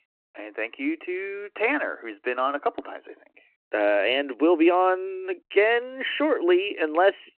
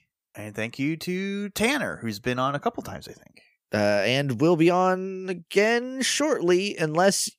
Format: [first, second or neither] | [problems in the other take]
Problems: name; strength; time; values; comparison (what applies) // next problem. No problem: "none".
second | phone-call audio